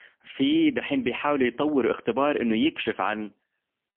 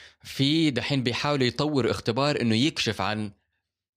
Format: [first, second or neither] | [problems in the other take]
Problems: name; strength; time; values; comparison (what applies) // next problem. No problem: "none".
second | phone-call audio; poor line; nothing above 3.5 kHz